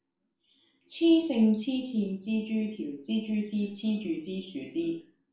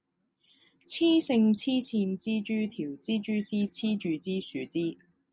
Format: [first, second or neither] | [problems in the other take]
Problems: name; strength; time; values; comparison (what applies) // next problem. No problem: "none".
second | room echo; dies away in 0.4 s